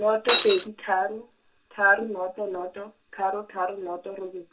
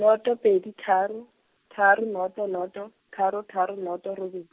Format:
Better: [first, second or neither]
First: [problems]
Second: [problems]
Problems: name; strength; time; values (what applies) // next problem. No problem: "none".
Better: second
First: background sound (Shatter); 2 dB above the speech // room echo; dies away in 0.2 s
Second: none